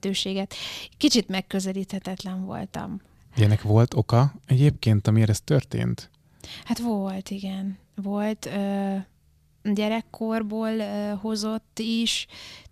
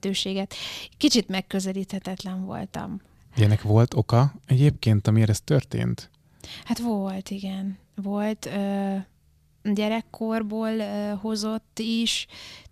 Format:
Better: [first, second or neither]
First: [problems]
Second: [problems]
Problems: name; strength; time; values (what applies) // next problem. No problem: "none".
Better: neither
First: none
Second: none